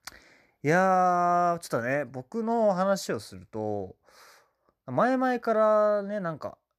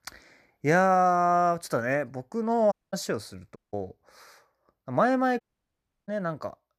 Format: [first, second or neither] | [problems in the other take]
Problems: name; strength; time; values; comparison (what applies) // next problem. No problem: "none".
first | audio cutting out; at 2.5 s, at 3.5 s and at 5.5 s for 0.5 s